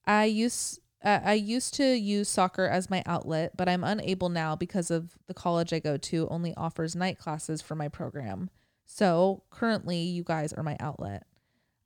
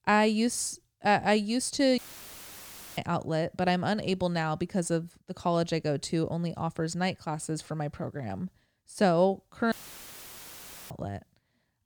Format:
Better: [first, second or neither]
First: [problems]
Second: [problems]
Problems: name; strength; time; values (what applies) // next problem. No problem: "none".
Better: first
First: none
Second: audio cutting out; filled with static; at 2 s for 1 s and at 9.5 s for 1 s